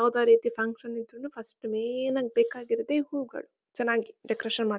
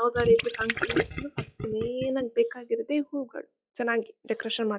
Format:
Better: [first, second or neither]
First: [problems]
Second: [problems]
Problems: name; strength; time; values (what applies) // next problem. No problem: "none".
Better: first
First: none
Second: noise reduction (classical method log-MMSE)